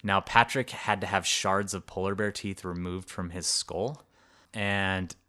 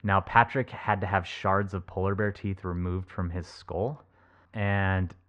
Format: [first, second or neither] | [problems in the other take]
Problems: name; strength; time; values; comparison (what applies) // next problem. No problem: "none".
first | muffled; very; fading above 1.5 kHz